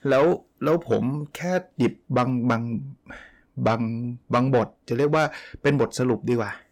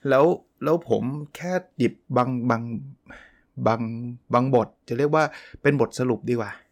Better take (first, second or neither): second